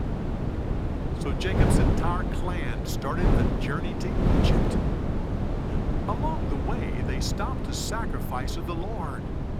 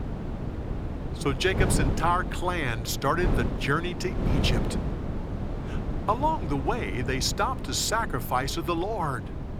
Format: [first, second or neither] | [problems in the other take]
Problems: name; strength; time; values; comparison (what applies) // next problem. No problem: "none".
second | wind noise on the microphone; heavy; as loud as the speech; occasional gusts in the second